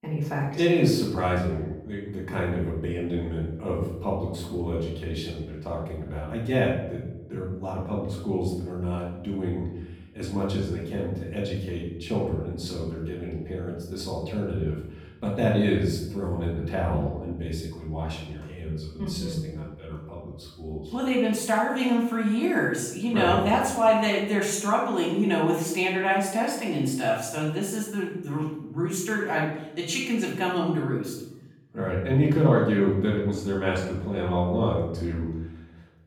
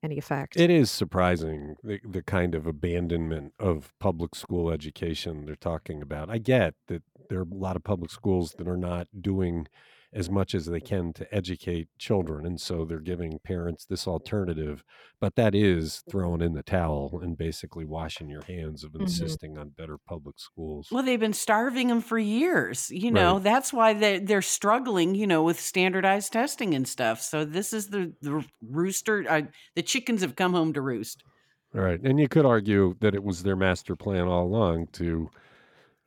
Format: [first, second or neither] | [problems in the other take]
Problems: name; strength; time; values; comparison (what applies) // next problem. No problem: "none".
second | off-mic speech; far // room echo; noticeable; dies away in 0.8 s